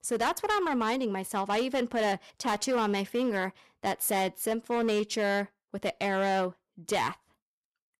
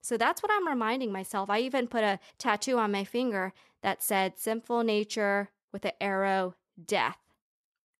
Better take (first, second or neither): second